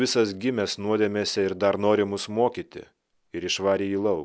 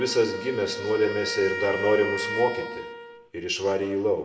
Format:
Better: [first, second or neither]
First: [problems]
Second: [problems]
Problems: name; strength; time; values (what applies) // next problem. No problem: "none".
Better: first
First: none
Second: background sound (Wind instrument, woodwind instrument); 8 dB below the speech // room echo; dies away in 0.9 s